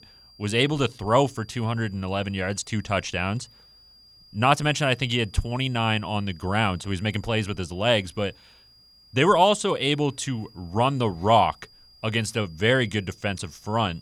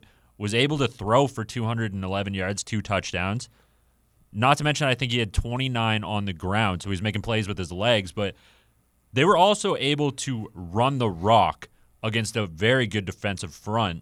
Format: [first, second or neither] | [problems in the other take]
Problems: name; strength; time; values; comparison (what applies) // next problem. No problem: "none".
second | high-pitched whine; faint; throughout; 5 kHz, 25 dB below the speech